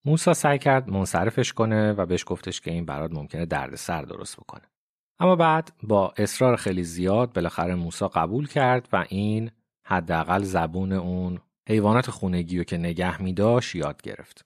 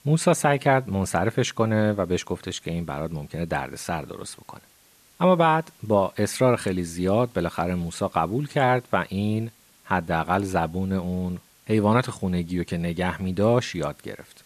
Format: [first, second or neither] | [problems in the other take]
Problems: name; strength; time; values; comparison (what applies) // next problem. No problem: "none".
first | hiss; faint; throughout; 30 dB below the speech